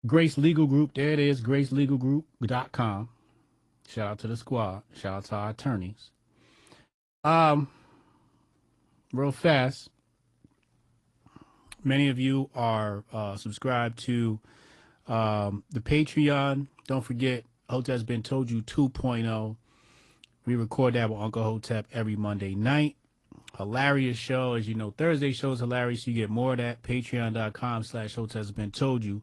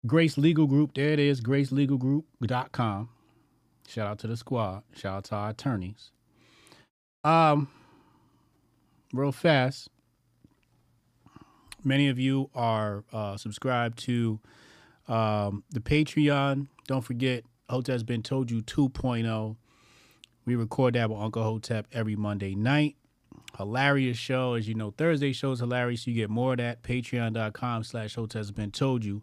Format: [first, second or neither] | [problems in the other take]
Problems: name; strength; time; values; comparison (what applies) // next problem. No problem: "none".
second | garbled, watery; slightly; nothing above 11 kHz